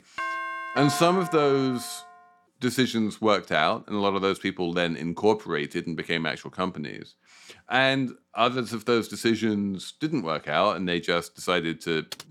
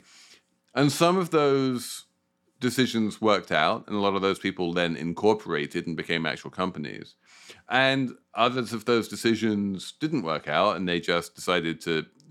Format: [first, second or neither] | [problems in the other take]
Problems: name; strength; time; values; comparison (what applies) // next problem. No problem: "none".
second | doorbell; noticeable; until 2 s; peak 5 dB below the speech // keyboard typing; faint; at 12 s; peak 15 dB below the speech